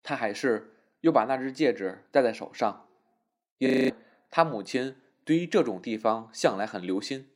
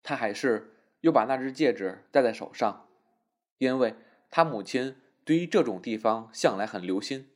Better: second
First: audio freezing; at 3.5 s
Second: none

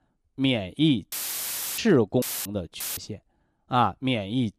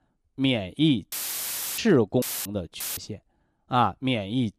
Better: neither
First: audio cutting out; filled with static; at 1 s for 0.5 s, at 2 s and at 3 s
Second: audio cutting out; filled with static; at 1 s for 0.5 s, at 2 s and at 3 s

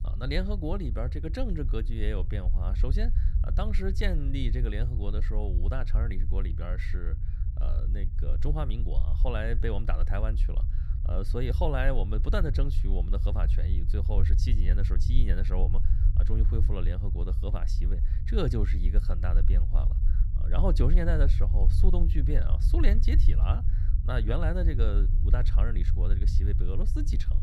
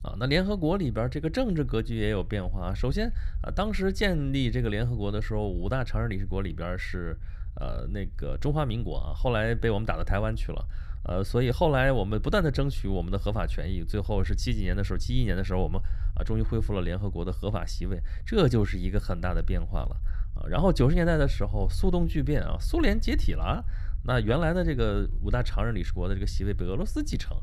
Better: second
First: low rumble; loud; throughout; 10 dB below the speech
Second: low rumble; faint; throughout; 25 dB below the speech

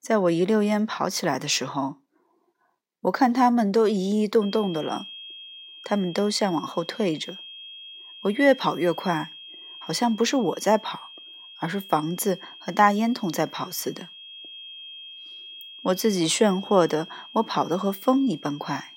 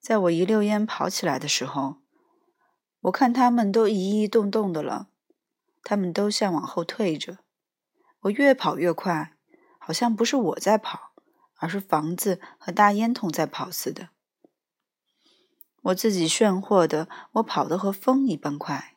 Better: second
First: high-pitched whine; noticeable; from 4.5 s on; 3 kHz, 15 dB below the speech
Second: none

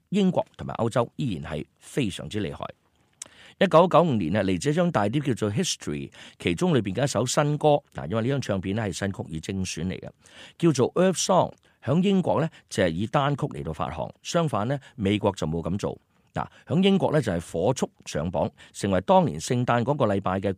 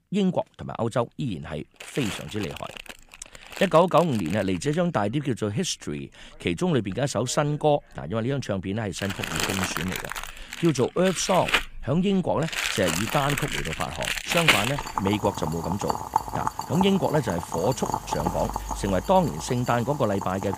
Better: first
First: none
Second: household noises; loud; throughout; 3 dB below the speech

